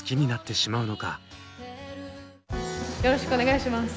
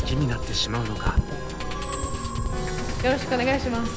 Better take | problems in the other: first | background sound (Musical instrument); 1 dB below the speech

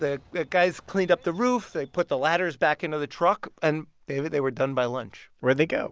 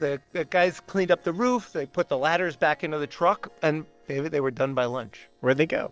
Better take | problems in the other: first | noise reduction (neural separator model SepFormer DNS4)

